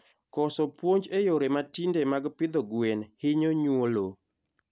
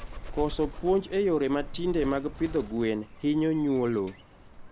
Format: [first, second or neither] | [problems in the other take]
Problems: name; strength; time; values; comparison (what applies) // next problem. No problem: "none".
first | background sound (Bird); 12 dB below the speech